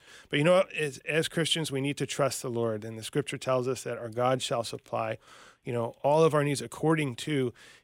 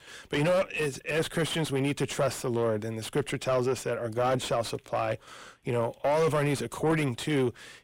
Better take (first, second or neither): first